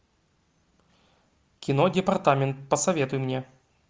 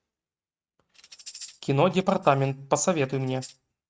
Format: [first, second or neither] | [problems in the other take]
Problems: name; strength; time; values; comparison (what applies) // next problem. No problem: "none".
first | noise reduction (neural mask model RNNoise)